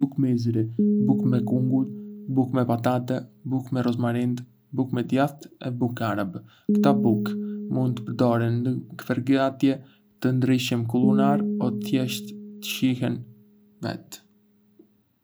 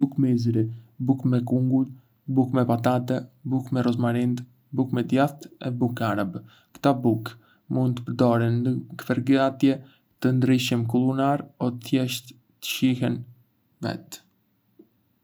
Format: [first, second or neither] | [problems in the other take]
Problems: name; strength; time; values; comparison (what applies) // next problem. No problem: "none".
second | background sound (Piano); 4 dB below the speech